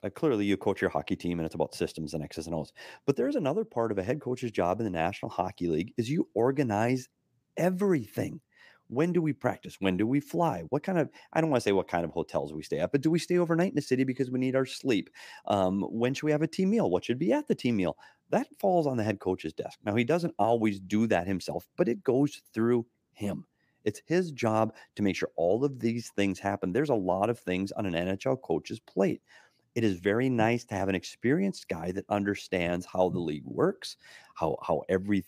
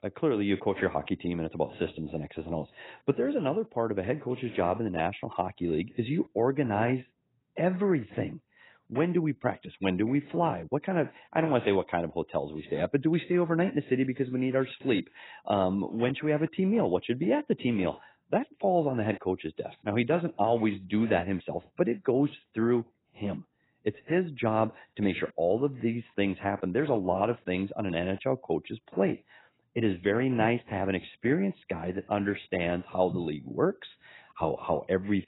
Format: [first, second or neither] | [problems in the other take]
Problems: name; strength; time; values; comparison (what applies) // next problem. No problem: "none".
first | garbled, watery; badly; nothing above 4 kHz